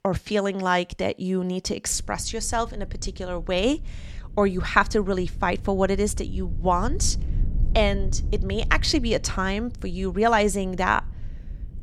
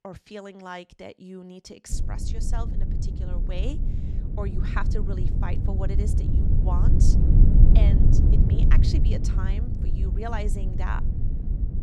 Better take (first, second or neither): first